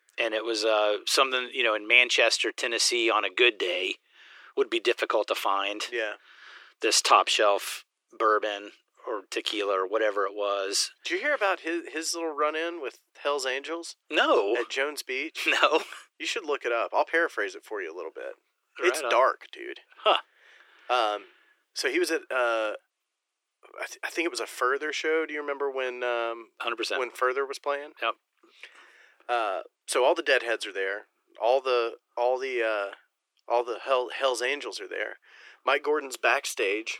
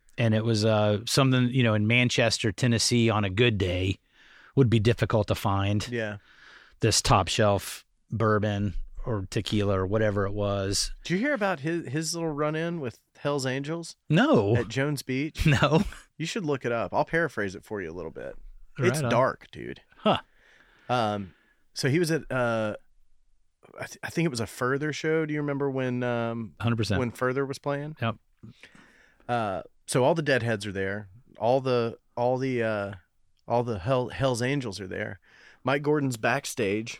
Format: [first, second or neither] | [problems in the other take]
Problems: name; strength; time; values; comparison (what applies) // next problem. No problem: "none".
second | thin; very; fading below 350 Hz